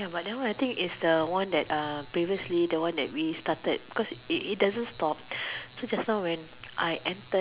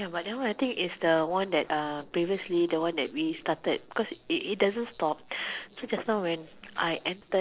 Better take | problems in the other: first | noise reduction (neural separator model SepFormer DNS4)

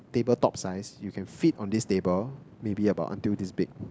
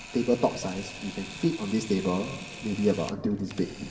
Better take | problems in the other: first | background sound (Camera); 14 dB below the speech // room echo; dies away in 1.8 s

